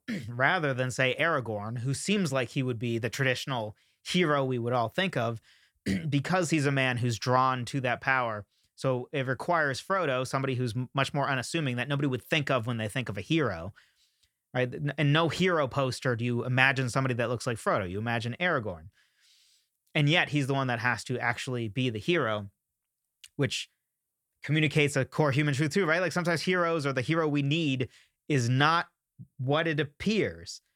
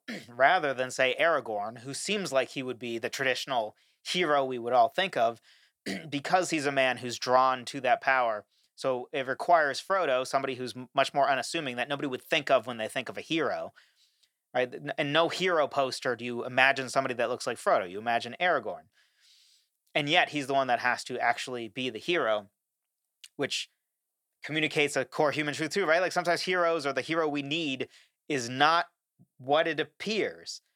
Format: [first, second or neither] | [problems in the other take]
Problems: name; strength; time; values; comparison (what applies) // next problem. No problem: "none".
first | thin; somewhat; fading below 300 Hz